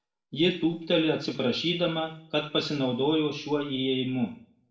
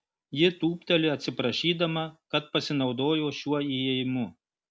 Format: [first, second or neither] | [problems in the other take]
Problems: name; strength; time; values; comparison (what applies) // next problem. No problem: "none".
second | room echo; dies away in 0.5 s